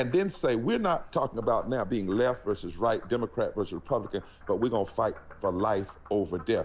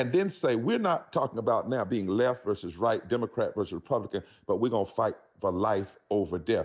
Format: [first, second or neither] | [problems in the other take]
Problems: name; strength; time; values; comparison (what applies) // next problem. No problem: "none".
second | background sound (Frog); 17 dB below the speech